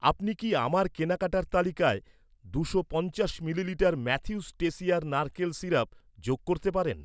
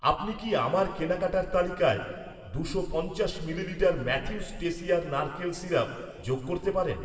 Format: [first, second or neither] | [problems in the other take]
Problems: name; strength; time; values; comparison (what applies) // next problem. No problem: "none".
first | room echo; dies away in 1.8 s